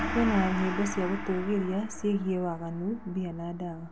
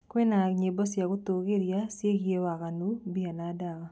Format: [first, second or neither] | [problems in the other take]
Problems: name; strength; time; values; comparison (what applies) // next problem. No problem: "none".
second | background sound (Gong); 6 dB below the speech